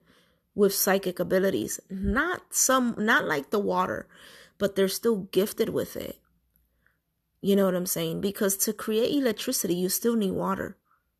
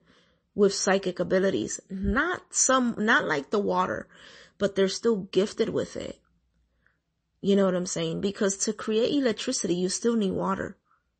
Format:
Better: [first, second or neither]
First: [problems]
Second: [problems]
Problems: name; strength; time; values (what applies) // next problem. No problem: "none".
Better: first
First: none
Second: garbled, watery; slightly; nothing above 8 kHz